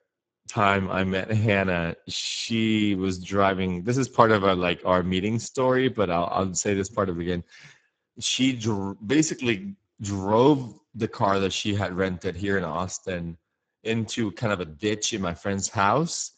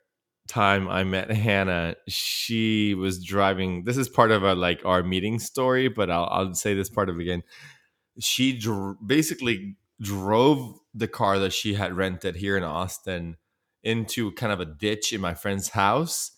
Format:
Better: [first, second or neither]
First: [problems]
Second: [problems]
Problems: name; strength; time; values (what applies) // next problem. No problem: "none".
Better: second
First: garbled, watery; badly; nothing above 7.5 kHz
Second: none